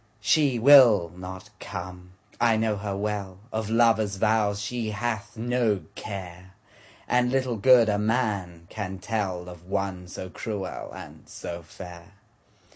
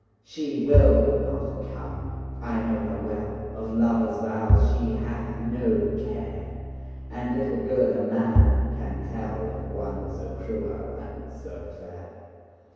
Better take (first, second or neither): first